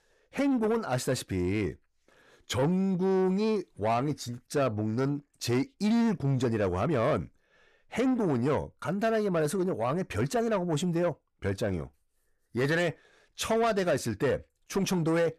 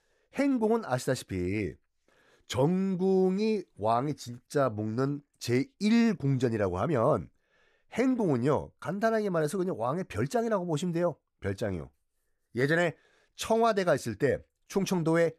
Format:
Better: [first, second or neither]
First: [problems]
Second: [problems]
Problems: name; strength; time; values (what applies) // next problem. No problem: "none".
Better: second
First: distortion; slight; 10 dB below the speech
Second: none